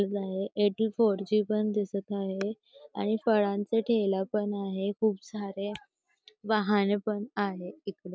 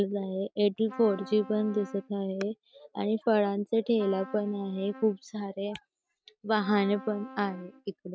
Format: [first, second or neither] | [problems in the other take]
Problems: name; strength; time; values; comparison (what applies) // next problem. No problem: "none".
first | noise reduction (neural mask model RNNoise)